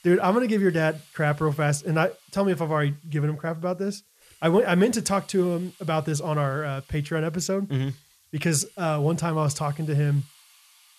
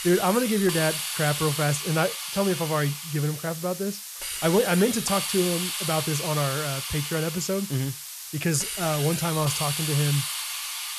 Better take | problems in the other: first | hiss; loud; throughout; 3 dB below the speech; faint in the first

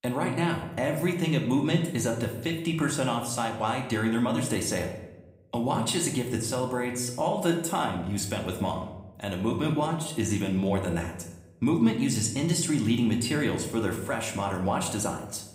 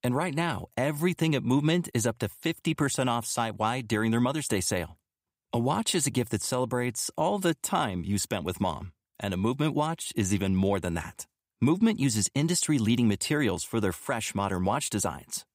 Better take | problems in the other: second | room echo; slight; dies away in 0.7 s

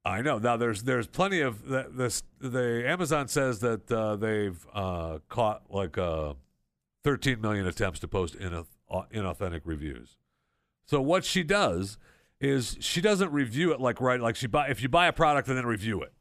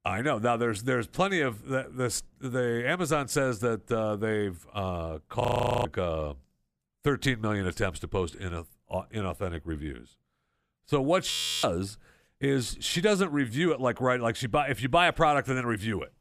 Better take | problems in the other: first | audio freezing; at 5.5 s and at 11 s

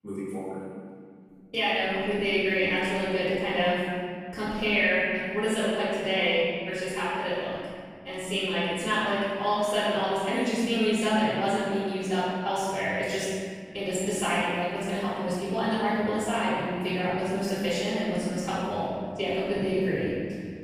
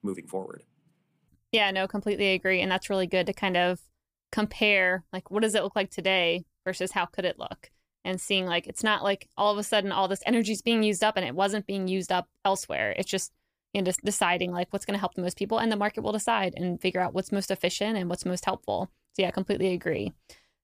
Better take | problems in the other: second | off-mic speech; far // room echo; strong; dies away in 2 s

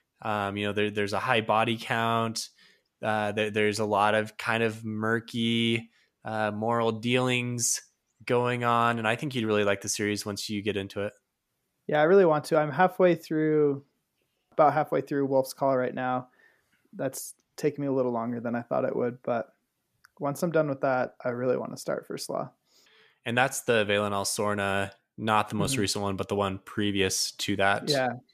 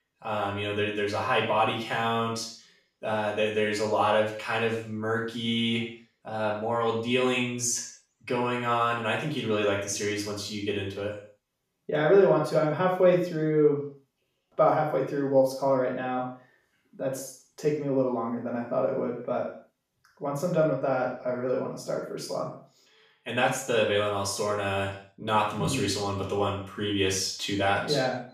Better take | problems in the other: first | room echo; noticeable; dies away in 0.5 s // off-mic speech; far

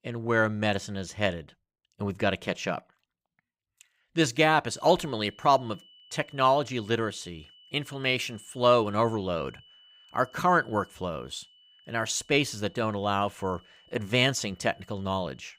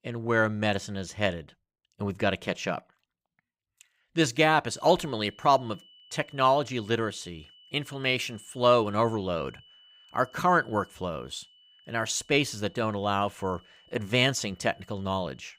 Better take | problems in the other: neither | high-pitched whine; faint; from 5 s on; 3 kHz, 25 dB below the speech; the same in both

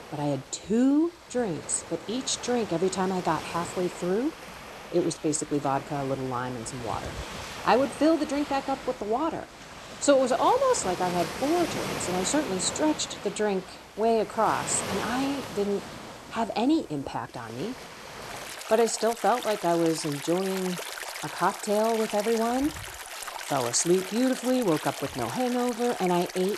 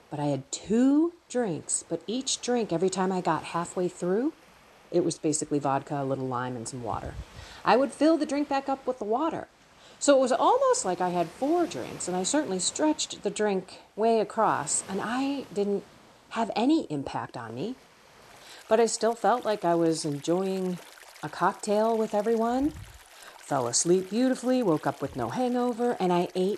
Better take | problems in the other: second | rain or running water; loud; throughout; 10 dB below the speech; faint in the second

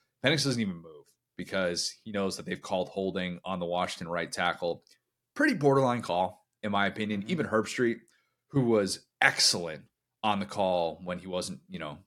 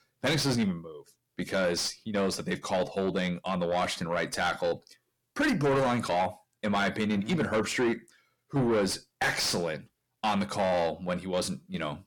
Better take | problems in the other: first | distortion; heavy; 6 dB below the speech

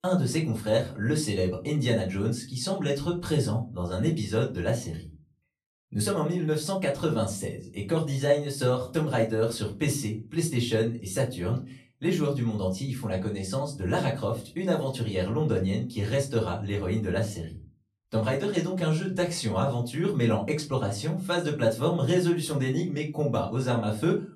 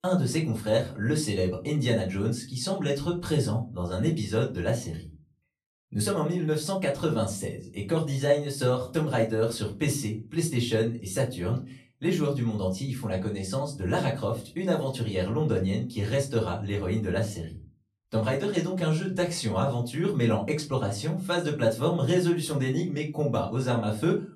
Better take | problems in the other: neither | off-mic speech; far; the same in both // room echo; very slight; dies away in 0.3 s; the same in both

